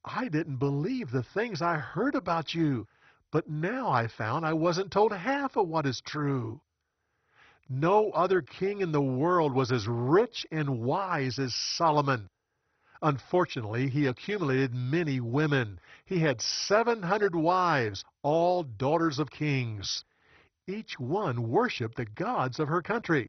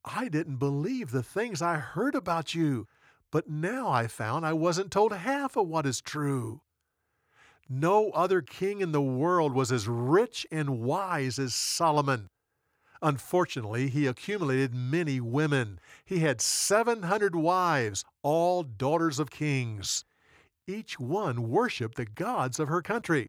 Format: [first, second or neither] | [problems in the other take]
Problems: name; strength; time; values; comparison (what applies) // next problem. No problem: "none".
second | garbled, watery; badly; nothing above 6 kHz